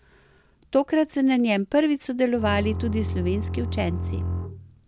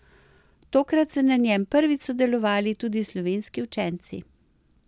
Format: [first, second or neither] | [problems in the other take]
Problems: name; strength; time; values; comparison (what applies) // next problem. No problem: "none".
second | background sound (Bowed string instrument); 4 dB below the speech